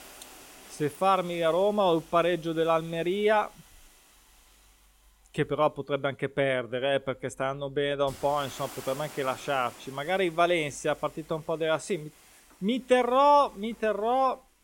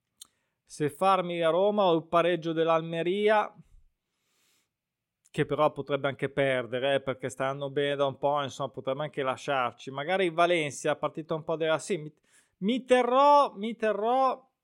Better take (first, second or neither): second